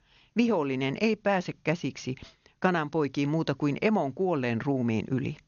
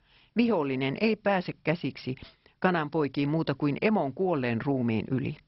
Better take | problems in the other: first | garbled, watery; badly; nothing above 5.5 kHz; slightly in the first

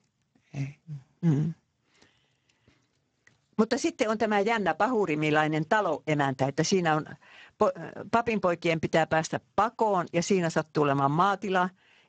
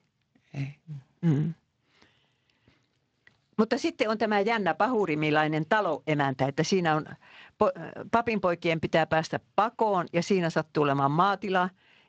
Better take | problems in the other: second | garbled, watery; badly; nothing above 7.5 kHz; slightly in the second

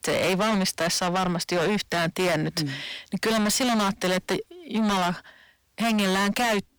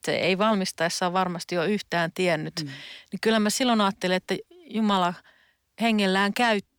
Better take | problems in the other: second | distortion; heavy; 6 dB below the speech

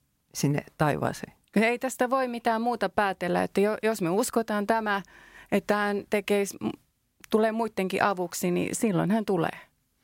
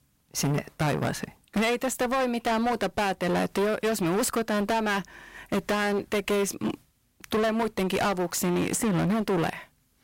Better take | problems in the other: first | distortion; heavy; 21% of the sound clipped

